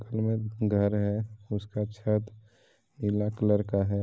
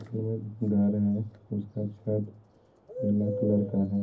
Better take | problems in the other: first | background sound (Bird); 12 dB below the speech // room echo; dies away in 0.3 s

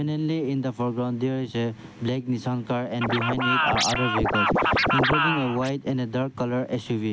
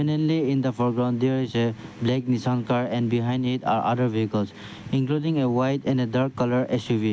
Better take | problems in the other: second | background sound (Scratching (performance technique)); 3 dB above the speech

